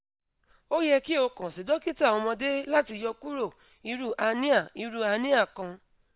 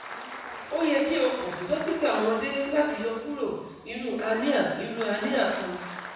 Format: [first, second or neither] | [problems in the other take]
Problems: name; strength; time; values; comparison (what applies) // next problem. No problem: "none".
first | background sound (Applause); 14 dB below the speech // room echo; dies away in 1.1 s